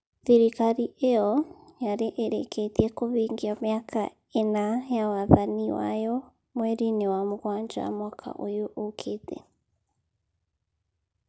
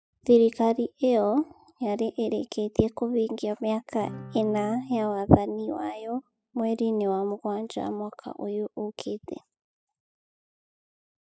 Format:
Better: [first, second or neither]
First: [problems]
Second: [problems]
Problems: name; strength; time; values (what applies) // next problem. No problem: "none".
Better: first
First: none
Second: noise reduction (classical method spectral subtraction)